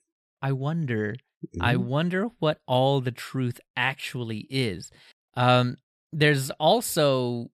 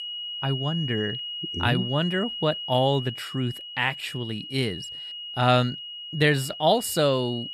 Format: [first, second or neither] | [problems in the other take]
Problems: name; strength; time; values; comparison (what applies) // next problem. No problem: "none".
first | high-pitched whine; loud; throughout; 3 kHz, 8 dB below the speech